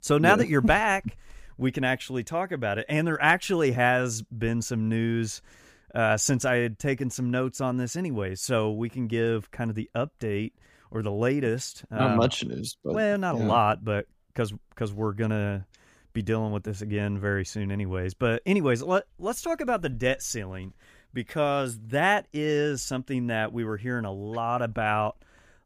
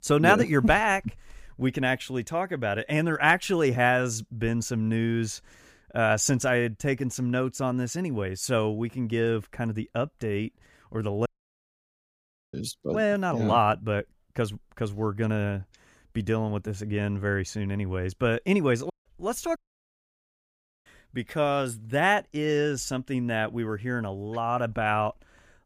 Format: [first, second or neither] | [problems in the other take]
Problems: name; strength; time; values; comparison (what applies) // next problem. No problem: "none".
first | audio cutting out; at 11 s for 1.5 s, at 19 s and at 20 s for 1.5 s